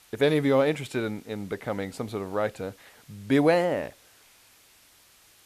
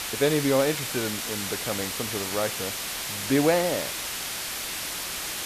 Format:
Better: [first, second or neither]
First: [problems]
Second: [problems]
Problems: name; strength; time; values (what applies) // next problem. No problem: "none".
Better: first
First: hiss; faint; throughout; 30 dB below the speech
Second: hiss; loud; throughout; 3 dB below the speech